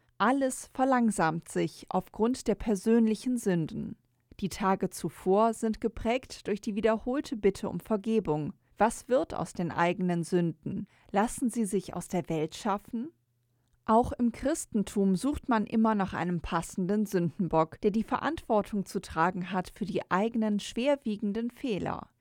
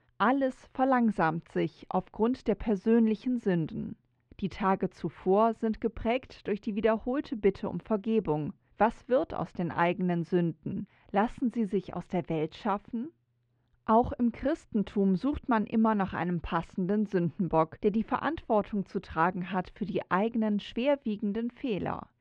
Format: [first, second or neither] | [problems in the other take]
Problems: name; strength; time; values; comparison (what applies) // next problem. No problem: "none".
first | muffled; slightly; fading above 3.5 kHz